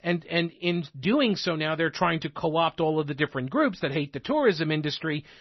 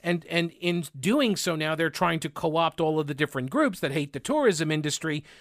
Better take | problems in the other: second | garbled, watery; slightly; nothing above 6 kHz

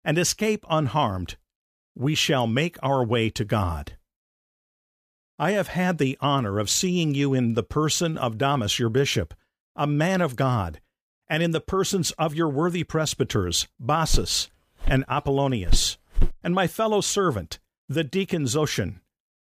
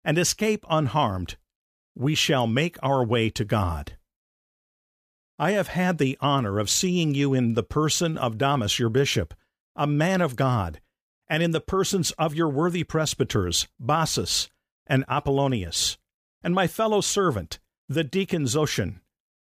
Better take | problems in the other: second | footsteps; noticeable; from 14 to 16 s; peak 6 dB below the speech

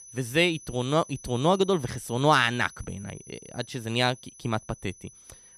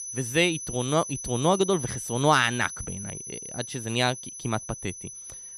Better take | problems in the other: first | high-pitched whine; loud; throughout; 6 kHz, 9 dB below the speech; faint in the first

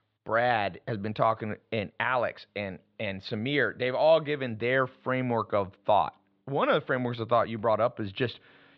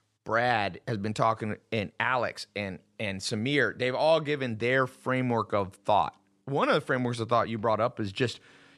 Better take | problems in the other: second | muffled; slightly; fading above 4 kHz

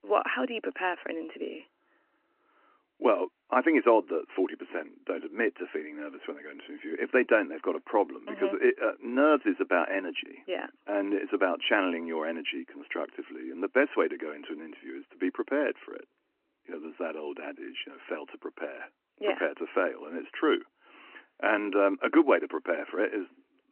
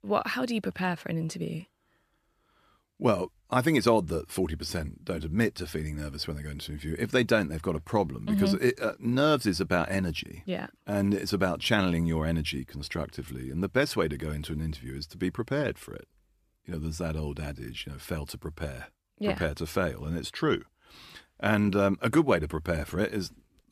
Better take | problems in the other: second | phone-call audio

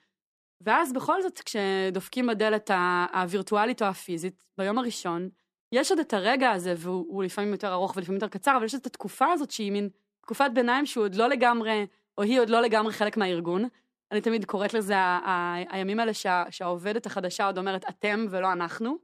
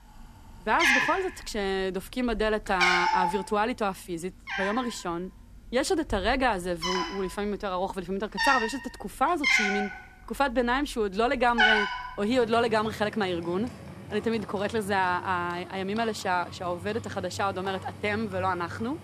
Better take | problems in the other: first | animal sounds; very loud; throughout; 1 dB above the speech

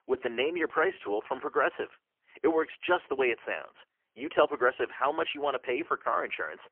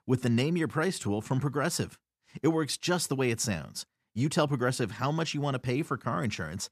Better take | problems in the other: second | phone-call audio; poor line; nothing above 3 kHz

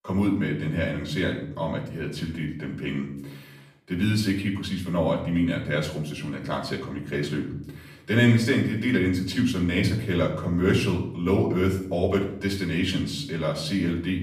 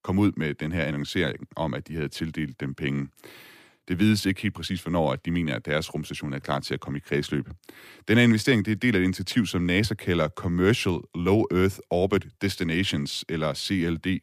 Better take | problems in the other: second | off-mic speech; far // room echo; slight; dies away in 0.6 s

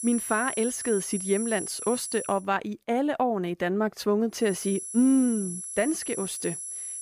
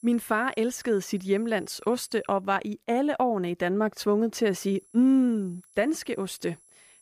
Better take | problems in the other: second | high-pitched whine; loud; until 2.5 s and from 4.5 s on; 10.5 kHz, 6 dB below the speech; faint in the second

